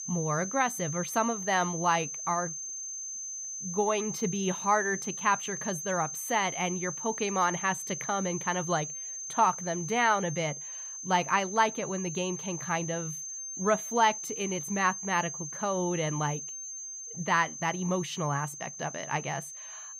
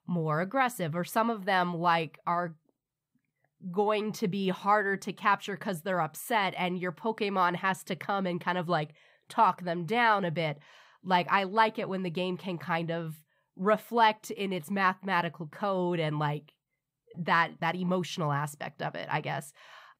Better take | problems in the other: second | high-pitched whine; loud; throughout; 6.5 kHz, 6 dB below the speech

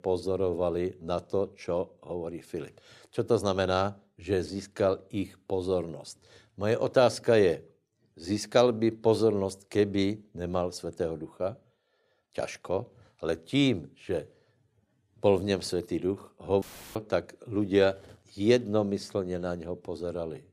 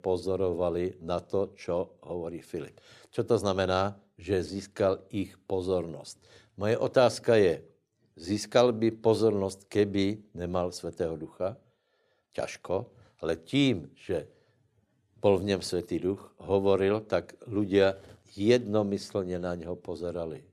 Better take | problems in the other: second | audio cutting out; filled with static; at 17 s

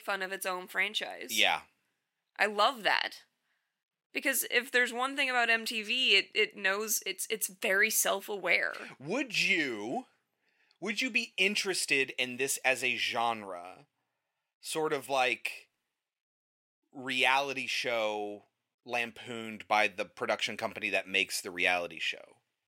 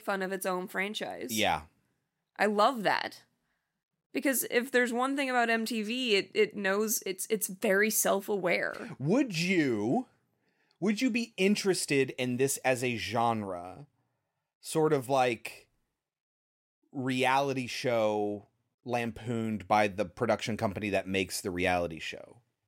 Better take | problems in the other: second | thin; somewhat; fading below 650 Hz

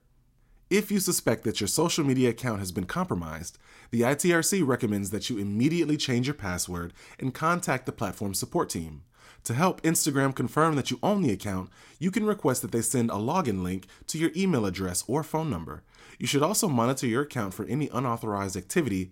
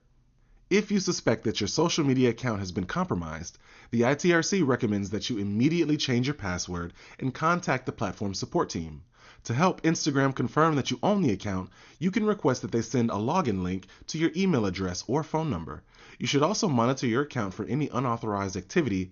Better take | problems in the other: first | garbled, watery; slightly; nothing above 6.5 kHz

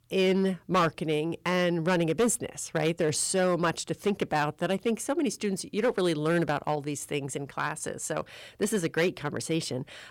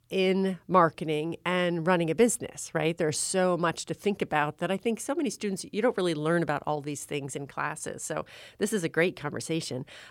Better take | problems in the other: second | distortion; slight; 5% of the sound clipped

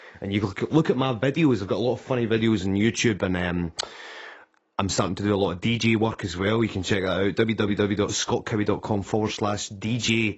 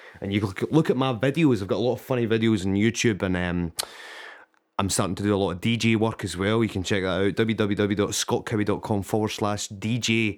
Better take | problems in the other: second | garbled, watery; badly; nothing above 7.5 kHz

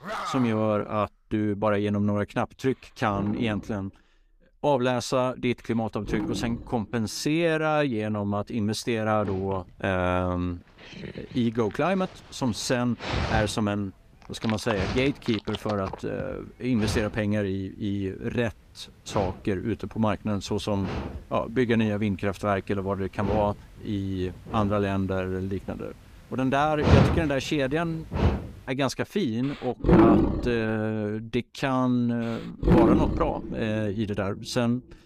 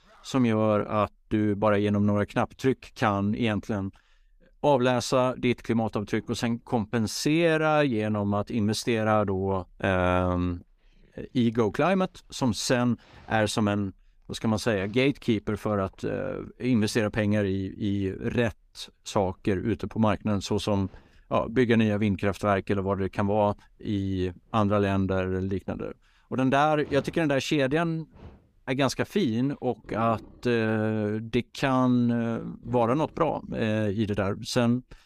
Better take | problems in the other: second | animal sounds; loud; throughout; as loud as the speech; faint in the second

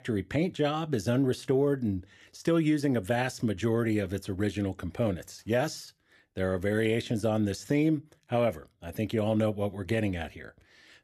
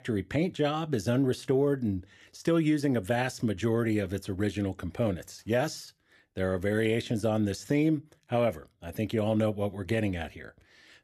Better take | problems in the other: neither | none

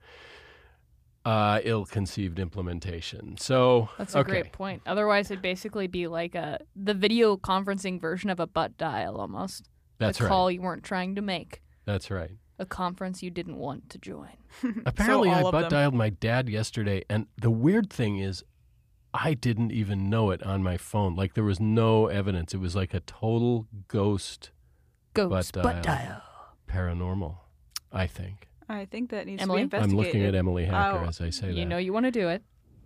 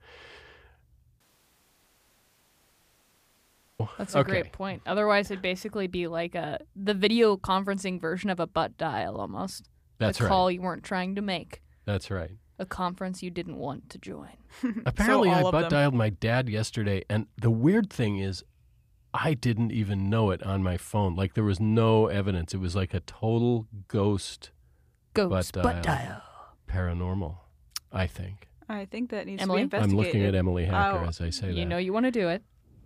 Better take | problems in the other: first | audio cutting out; at 1 s for 2.5 s

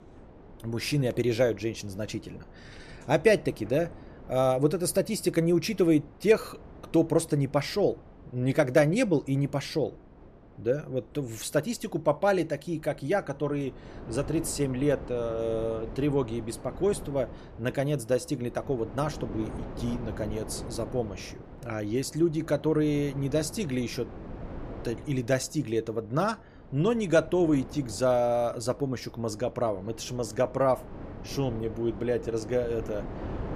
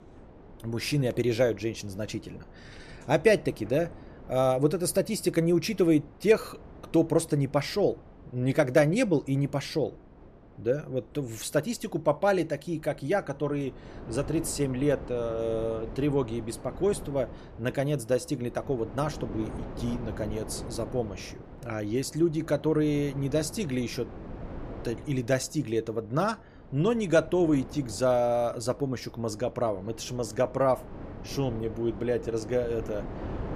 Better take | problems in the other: neither | wind noise on the microphone; occasional gusts; 20 dB below the speech; the same in both

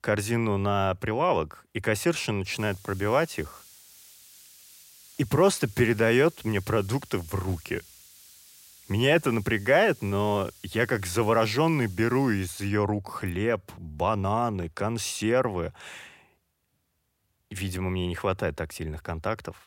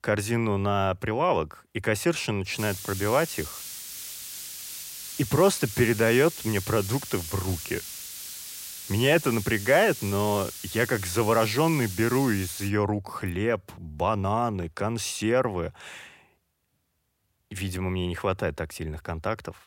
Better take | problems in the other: first | hiss; loud; from 2.5 to 13 s; 10 dB below the speech; faint in the first

